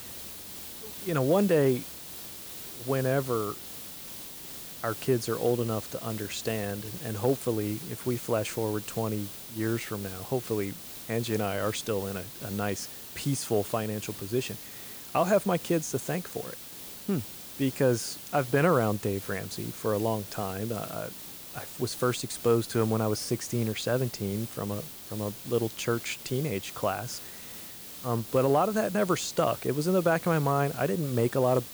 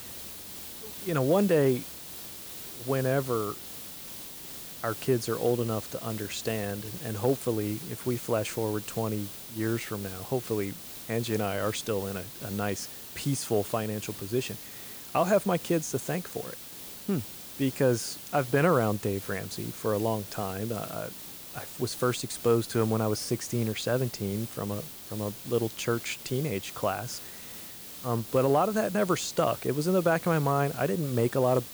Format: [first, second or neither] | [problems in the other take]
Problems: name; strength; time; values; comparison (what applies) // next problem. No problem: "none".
neither | hiss; noticeable; throughout; 10 dB below the speech; the same in both